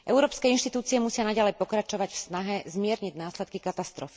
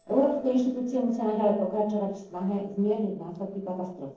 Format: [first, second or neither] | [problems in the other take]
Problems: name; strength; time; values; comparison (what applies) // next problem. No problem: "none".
first | noise reduction (neural separator model SepFormer DNS4)